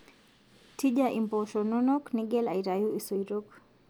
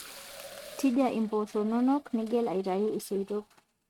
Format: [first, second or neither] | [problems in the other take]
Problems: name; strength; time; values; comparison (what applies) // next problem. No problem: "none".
first | noise reduction (neural mask model RNNoise)